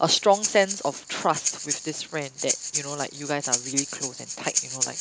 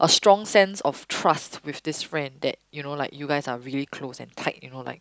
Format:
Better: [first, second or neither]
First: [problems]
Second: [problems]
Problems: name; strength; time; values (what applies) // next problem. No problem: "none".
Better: second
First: background sound (Breathing); 3 dB below the speech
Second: none